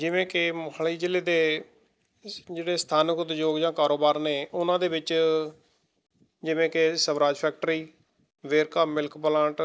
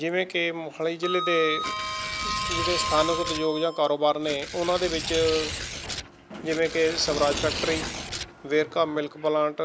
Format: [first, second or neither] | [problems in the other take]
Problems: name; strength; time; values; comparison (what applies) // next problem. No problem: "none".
first | background sound (Tearing + Sliding door); 6 dB below the speech